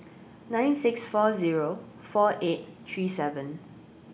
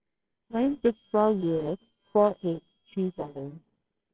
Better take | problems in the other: first | noise reduction (neural separator model SepFormer WHAMR!)

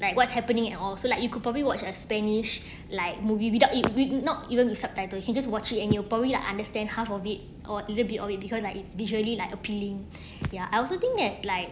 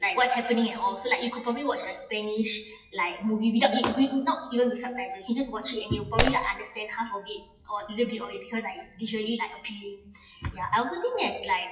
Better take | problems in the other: first | noise reduction (classical method WPE with log-MMSE)

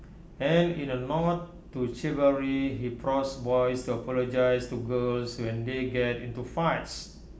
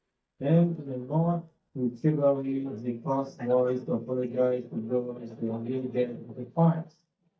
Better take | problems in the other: first | noise reduction (neural mask model DeepFilterNet 3)

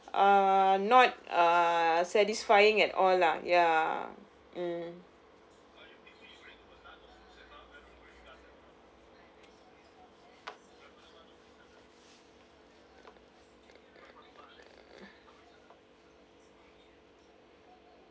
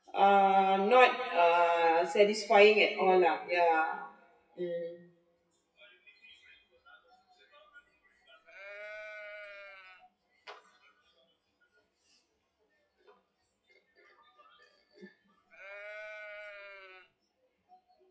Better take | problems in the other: first | noise reduction (classical method WPE with log-MMSE)

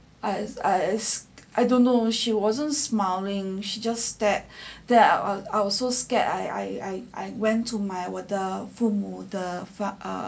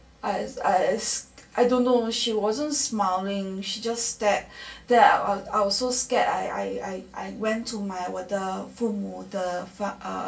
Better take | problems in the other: first | room echo; dies away in 0.2 s

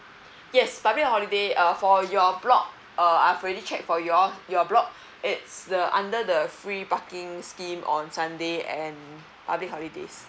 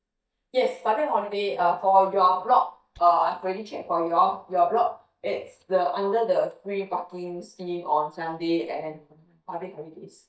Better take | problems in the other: first | noise reduction (neural mask model DeepFilterNet 3)

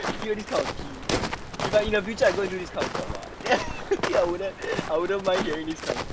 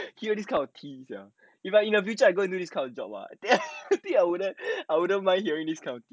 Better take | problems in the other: second | background sound (Walk, footsteps); 4 dB below the speech

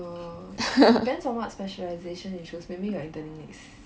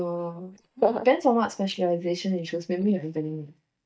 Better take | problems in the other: first | noise reduction (neural mask model DeepFilterNet 3)

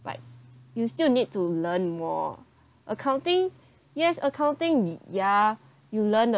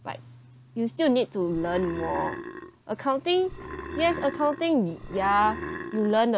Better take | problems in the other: first | background sound (Burping, eructation); 10 dB below the speech

